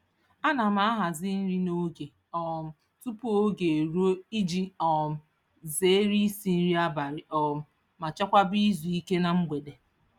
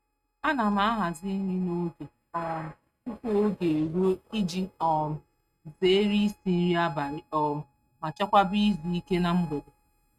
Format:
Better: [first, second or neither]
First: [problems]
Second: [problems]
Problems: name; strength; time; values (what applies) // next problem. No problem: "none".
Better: first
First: none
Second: noise reduction (neural mask model RNNoise)